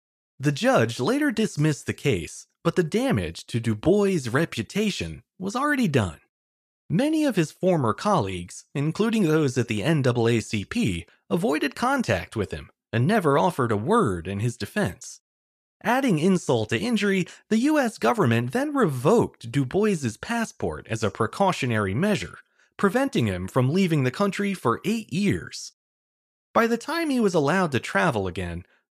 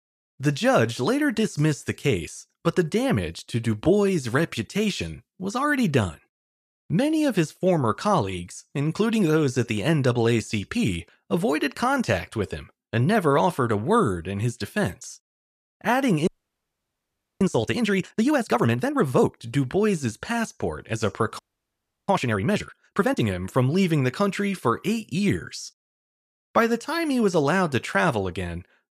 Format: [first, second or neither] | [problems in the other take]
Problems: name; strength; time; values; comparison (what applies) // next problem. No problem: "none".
first | audio freezing; at 16 s for 1 s and at 21 s for 0.5 s